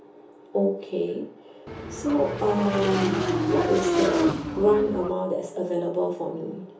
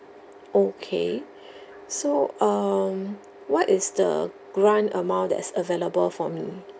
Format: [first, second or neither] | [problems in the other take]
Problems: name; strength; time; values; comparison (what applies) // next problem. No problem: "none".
second | background sound (Motorcycle / Engine); as loud as the speech // room echo; dies away in 1.2 s